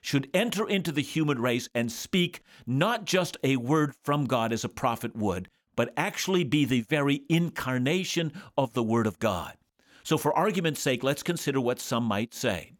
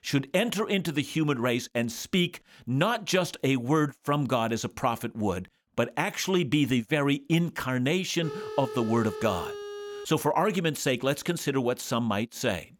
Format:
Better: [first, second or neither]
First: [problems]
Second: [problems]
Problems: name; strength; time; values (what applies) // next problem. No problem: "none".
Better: first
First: none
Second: phone ringing; noticeable; from 8 to 10 s; peak 9 dB below the speech